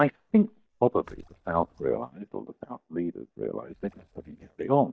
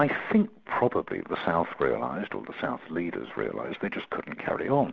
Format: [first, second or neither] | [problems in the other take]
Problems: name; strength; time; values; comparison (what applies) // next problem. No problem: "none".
second | noise reduction (neural mask model DeepFilterNet 3)